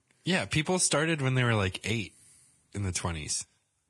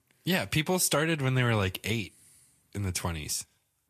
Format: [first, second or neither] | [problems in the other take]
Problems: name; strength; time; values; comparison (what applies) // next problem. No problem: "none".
second | garbled, watery; badly; nothing above 10 kHz; slightly in the second